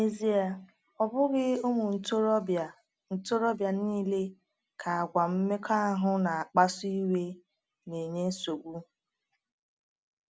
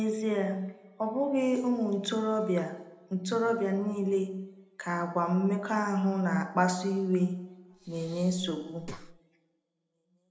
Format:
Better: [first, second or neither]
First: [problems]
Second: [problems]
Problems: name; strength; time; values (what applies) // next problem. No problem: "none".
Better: first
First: none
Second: background sound (Breathing); 18 dB below the speech // room echo; dies away in 0.7 s